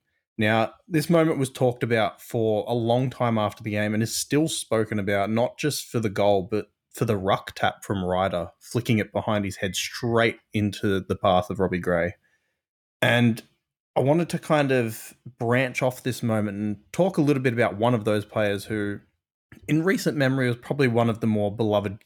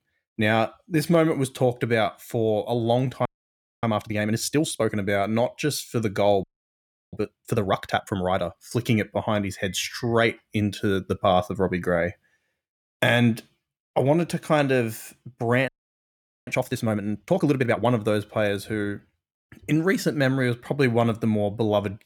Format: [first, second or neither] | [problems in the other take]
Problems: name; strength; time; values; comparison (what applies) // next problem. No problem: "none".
first | audio freezing; at 3.5 s for 0.5 s, at 6.5 s for 0.5 s and at 16 s for 1 s